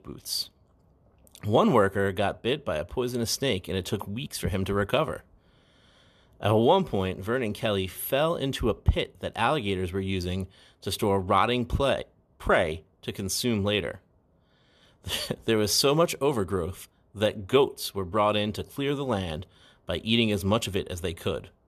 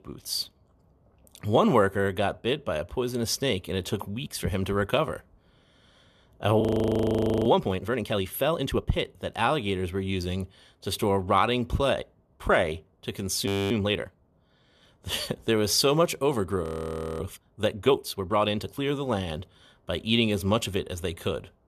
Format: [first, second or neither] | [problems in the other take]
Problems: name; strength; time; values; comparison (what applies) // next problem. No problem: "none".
first | audio freezing; at 6.5 s for 1 s, at 13 s and at 17 s for 0.5 s